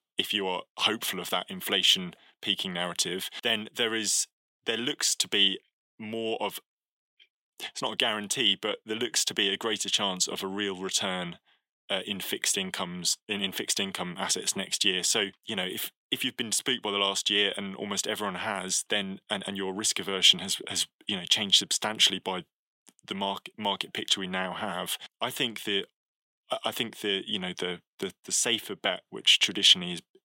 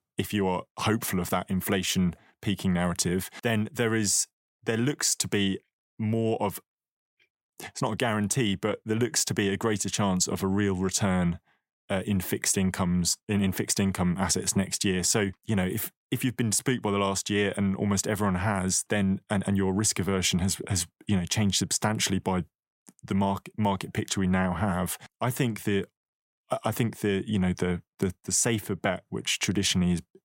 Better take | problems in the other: second | thin; somewhat; fading below 300 Hz

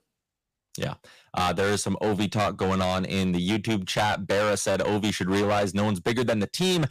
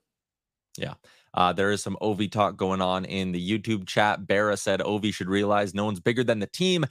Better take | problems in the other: second | distortion; heavy; 15% of the sound clipped

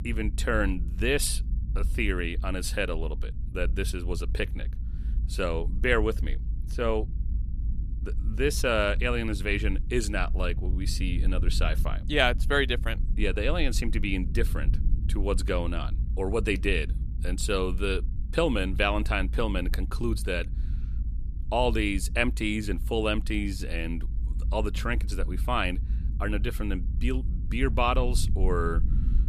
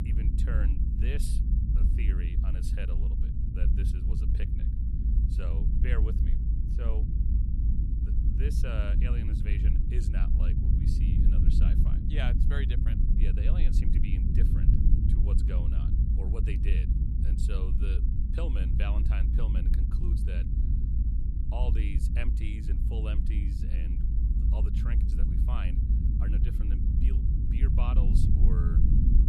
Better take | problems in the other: first | low rumble; loud; throughout; as loud as the speech; faint in the first

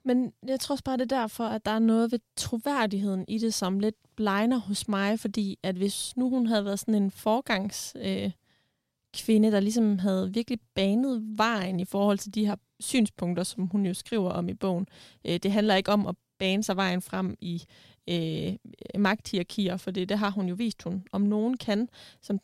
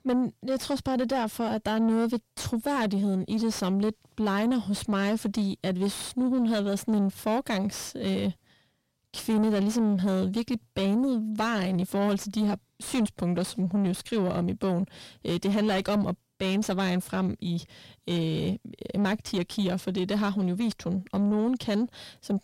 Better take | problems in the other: first | distortion; slight; 10 dB below the speech

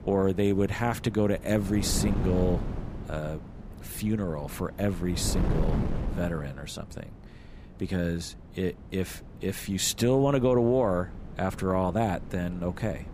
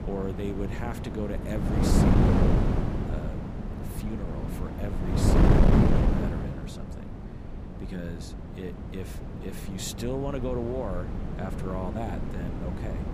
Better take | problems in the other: first | wind noise on the microphone; heavy; 4 dB above the speech; occasional gusts in the first

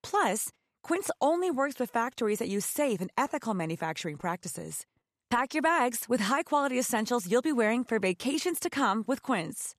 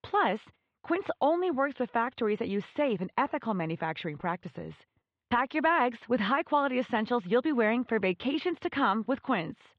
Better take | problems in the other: first | muffled; very; fading above 3.5 kHz

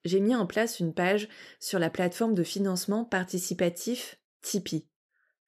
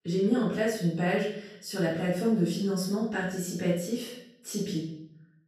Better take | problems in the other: first | off-mic speech; far // room echo; noticeable; dies away in 0.6 s

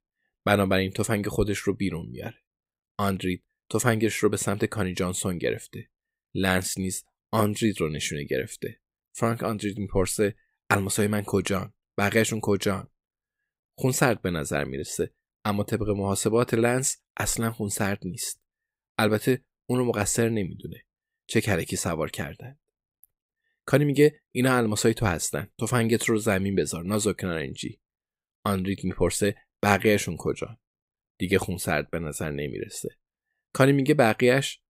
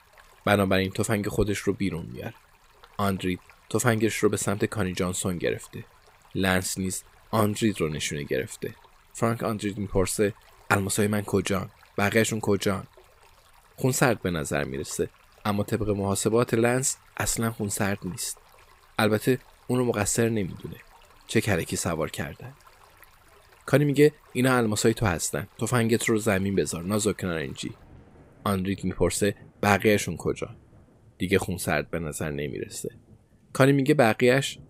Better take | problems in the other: first | rain or running water; faint; throughout; 30 dB below the speech

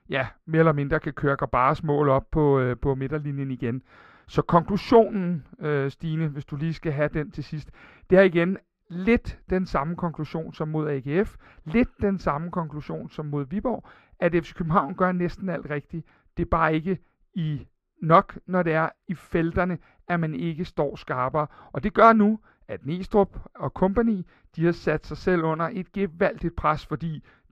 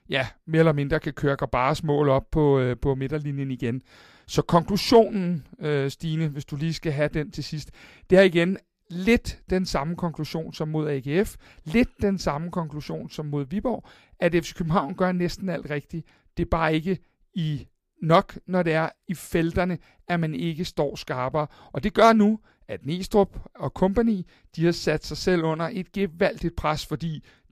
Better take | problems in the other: second | muffled; slightly; fading above 4 kHz

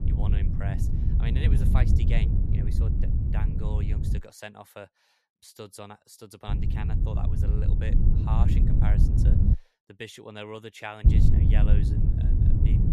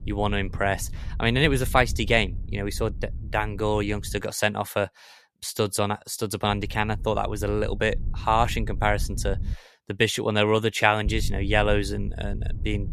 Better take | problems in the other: second | wind noise on the microphone; heavy; until 4 s, from 6.5 to 9.5 s and from 11 s on; 1 dB above the speech; occasional gusts in the second

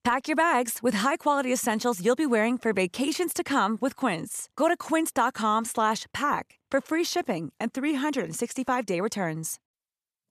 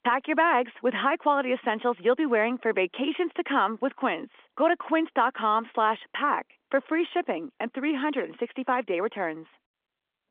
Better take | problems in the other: first | phone-call audio; nothing above 3.5 kHz

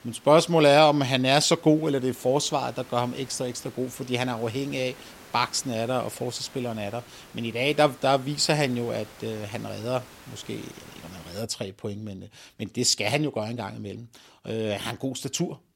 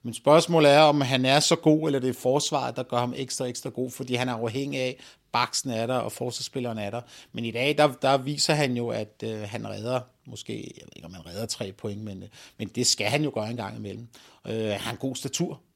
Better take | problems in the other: second | hiss; faint; until 11 s; 20 dB below the speech

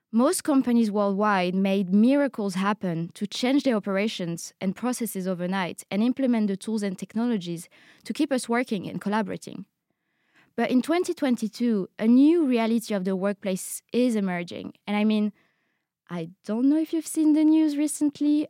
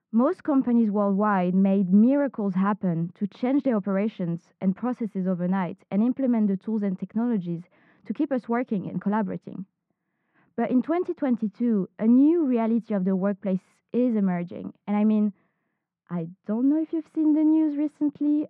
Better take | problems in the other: first | muffled; very; fading above 1.5 kHz

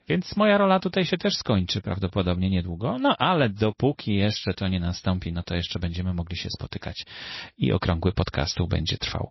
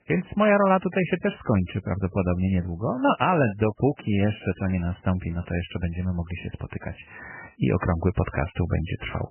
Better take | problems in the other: first | garbled, watery; badly; nothing above 3 kHz; slightly in the first

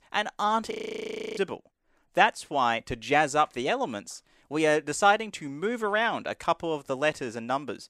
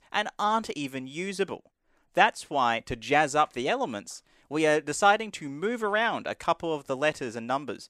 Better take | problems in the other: second | audio freezing; at 0.5 s for 0.5 s

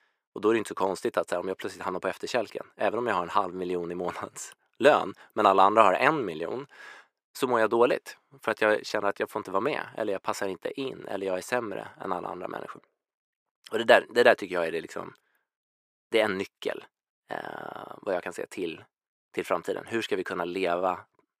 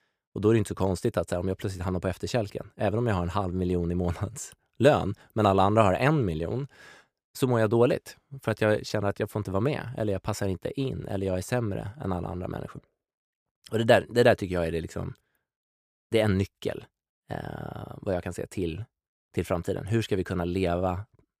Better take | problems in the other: second | thin; somewhat; fading below 350 Hz

